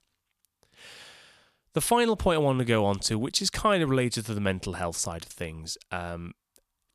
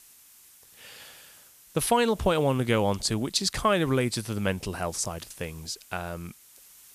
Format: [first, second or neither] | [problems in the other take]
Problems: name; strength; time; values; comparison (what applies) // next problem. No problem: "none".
first | hiss; faint; throughout; 25 dB below the speech